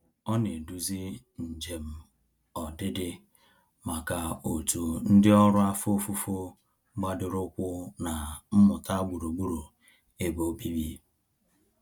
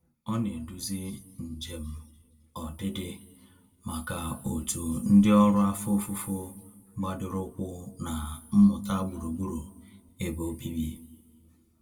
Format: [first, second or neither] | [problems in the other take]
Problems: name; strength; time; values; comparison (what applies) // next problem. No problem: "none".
first | room echo; dies away in 1.8 s